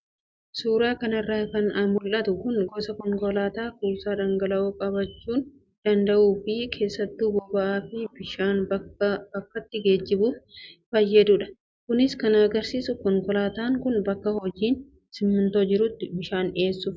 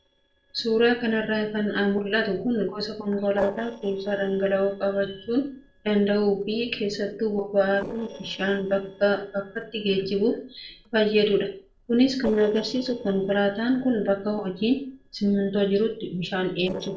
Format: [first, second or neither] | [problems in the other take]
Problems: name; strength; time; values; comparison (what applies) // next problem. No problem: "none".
first | noise reduction (neural separator model SepFormer DNS4)